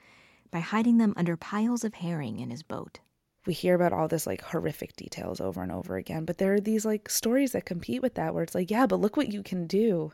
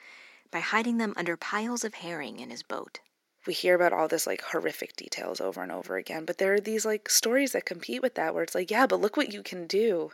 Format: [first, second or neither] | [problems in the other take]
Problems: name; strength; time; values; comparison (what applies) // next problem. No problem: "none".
first | thin; somewhat; fading below 300 Hz